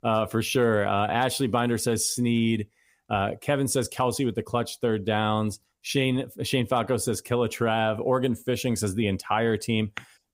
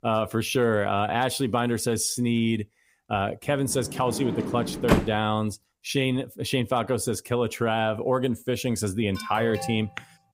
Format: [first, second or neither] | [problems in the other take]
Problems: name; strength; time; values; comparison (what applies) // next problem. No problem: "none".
first | door banging; loud; from 4 to 5 s; peak 2 dB above the speech // alarm; noticeable; at 9 s; peak 8 dB below the speech